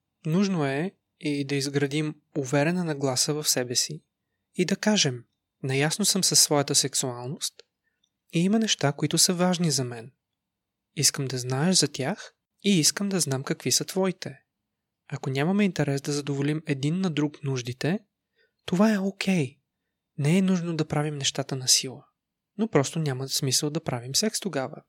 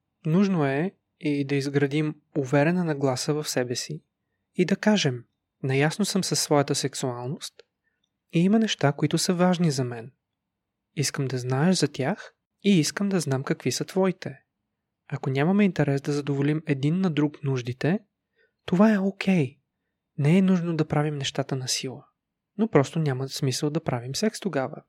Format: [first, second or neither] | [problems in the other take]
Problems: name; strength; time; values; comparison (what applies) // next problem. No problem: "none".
first | muffled; slightly; fading above 3.5 kHz